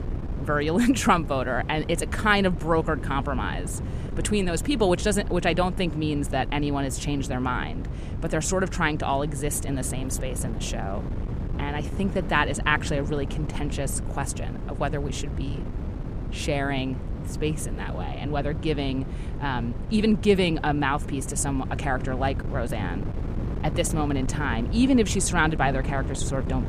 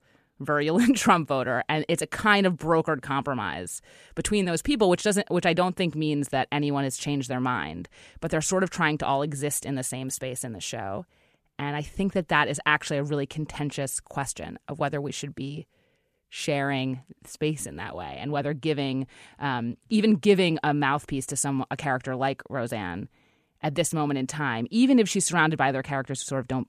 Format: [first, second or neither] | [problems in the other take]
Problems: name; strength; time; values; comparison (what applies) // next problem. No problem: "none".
second | wind noise on the microphone; occasional gusts; 15 dB below the speech